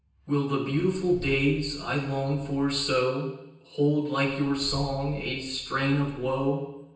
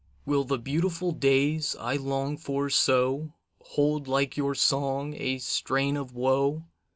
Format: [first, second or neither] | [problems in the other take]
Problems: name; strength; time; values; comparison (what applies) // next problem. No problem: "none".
second | background sound (Engine starting / Car); 18 dB below the speech // room echo; dies away in 0.9 s